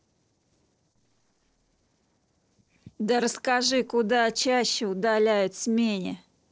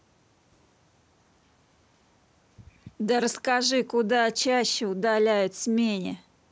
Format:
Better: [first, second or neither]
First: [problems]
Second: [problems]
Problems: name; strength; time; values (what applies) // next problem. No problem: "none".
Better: second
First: noise reduction (neural separator model SepFormer DNS4)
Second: none